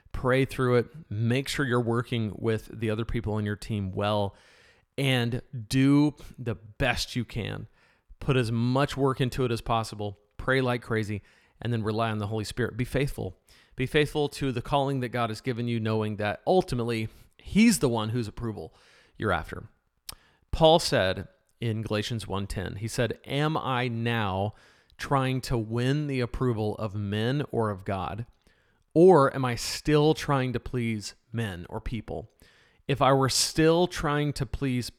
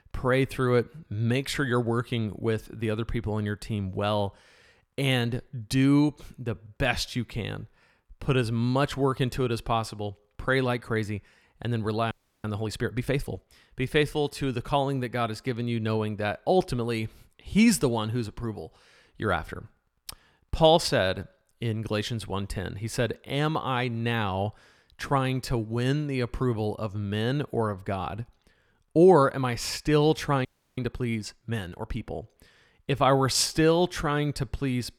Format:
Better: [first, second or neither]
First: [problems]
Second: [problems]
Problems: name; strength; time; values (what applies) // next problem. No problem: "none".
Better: first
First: none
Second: audio freezing; at 12 s and at 30 s